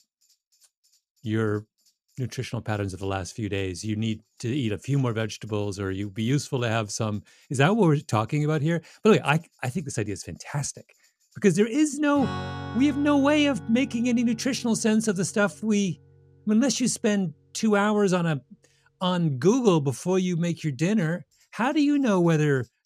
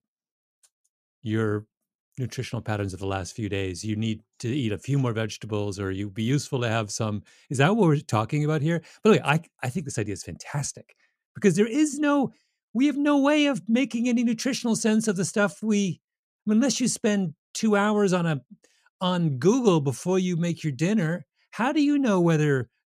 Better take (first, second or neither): second